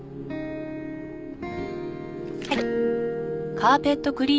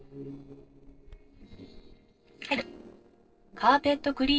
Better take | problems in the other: first | noise reduction (neural separator model SepFormer DNS4)

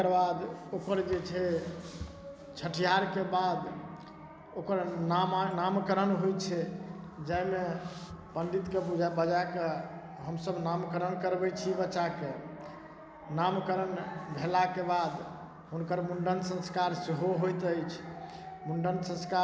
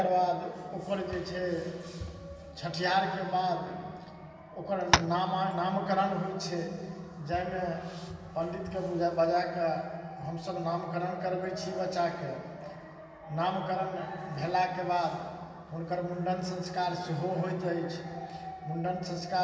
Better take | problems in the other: first | background sound (Tap); 4 dB above the speech // room echo; dies away in 2.1 s

